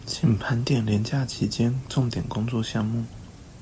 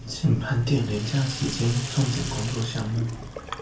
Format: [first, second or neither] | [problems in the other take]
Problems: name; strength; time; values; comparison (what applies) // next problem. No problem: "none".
first | background sound (Sink (filling or washing)); 11 dB below the speech // room echo; dies away in 0.3 s